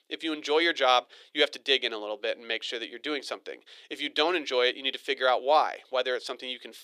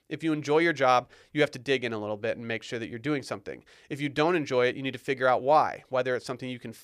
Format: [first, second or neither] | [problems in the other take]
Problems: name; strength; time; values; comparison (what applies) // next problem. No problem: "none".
second | thin; somewhat; fading below 350 Hz